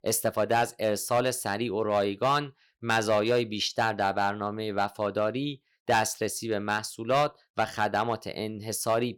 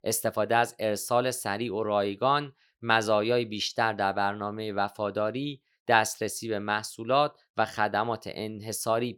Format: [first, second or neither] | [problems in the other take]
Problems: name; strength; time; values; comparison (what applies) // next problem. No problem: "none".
second | distortion; slight; 3% of the sound clipped